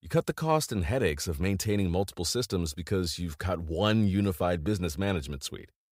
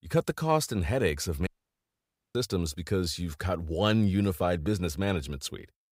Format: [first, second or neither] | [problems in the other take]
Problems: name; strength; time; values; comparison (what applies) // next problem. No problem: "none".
first | audio cutting out; at 1.5 s for 1 s